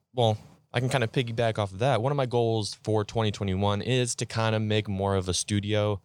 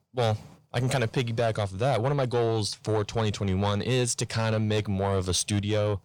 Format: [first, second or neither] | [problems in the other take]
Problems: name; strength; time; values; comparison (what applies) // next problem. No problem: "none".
first | distortion; slight; 10 dB below the speech